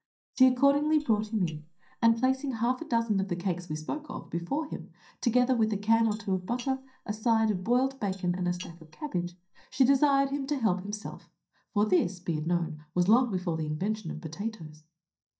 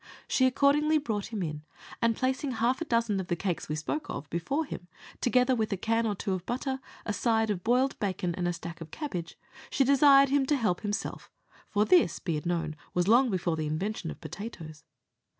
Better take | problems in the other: second | noise reduction (neural mask model DeepFilterNet 3)

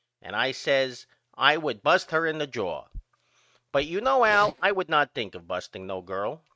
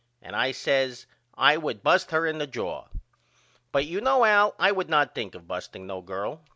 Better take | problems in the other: second | noise reduction (neural mask model RNNoise)

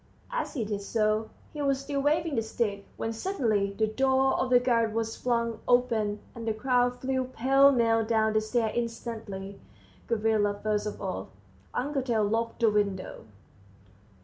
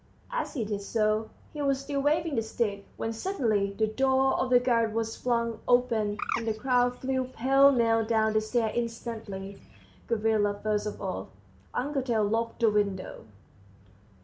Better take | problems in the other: first | background sound (Bird); 15 dB below the speech

